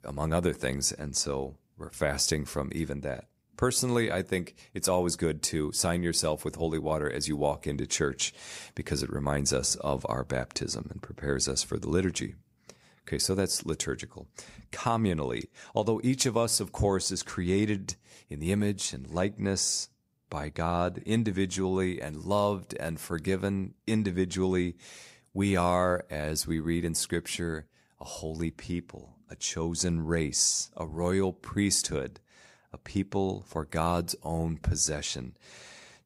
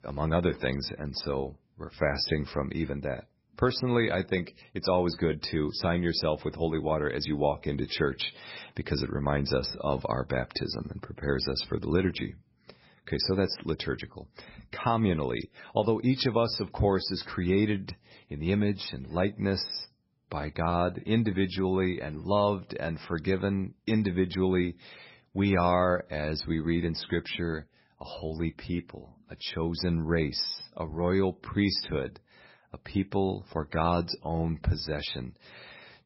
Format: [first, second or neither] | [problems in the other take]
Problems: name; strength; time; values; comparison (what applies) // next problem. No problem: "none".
first | garbled, watery; badly; nothing above 5.5 kHz